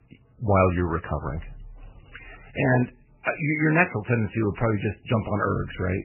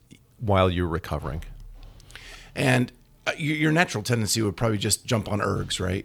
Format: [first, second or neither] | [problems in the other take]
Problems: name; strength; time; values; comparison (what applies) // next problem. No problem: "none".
second | garbled, watery; badly; nothing above 2.5 kHz